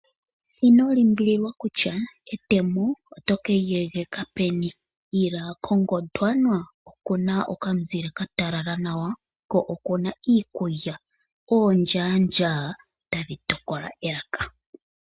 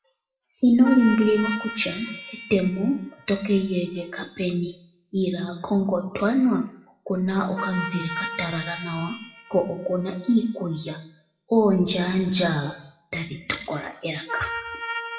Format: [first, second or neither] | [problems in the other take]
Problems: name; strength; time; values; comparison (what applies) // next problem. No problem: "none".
first | noise reduction (classical method WPE with log-MMSE)